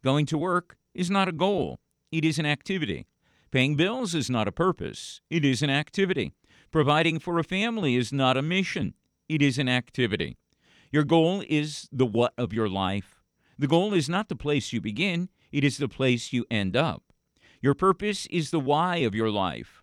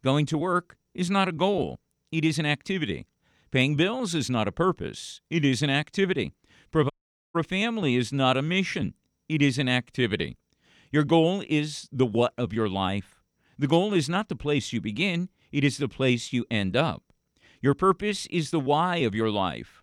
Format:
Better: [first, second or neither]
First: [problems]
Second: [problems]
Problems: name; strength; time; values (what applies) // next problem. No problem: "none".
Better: first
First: none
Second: audio cutting out; at 7 s